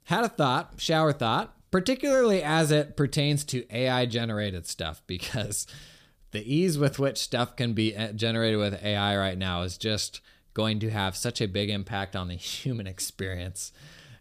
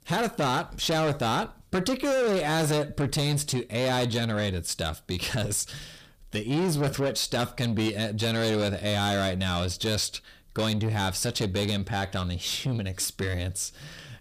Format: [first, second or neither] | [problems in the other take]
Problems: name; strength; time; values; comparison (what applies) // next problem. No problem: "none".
first | distortion; heavy; 7 dB below the speech